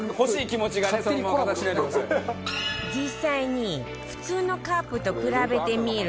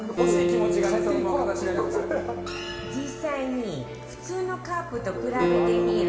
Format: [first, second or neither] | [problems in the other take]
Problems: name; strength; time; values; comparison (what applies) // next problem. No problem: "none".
first | background sound (Acoustic guitar); 1 dB above the speech // room echo; dies away in 2.1 s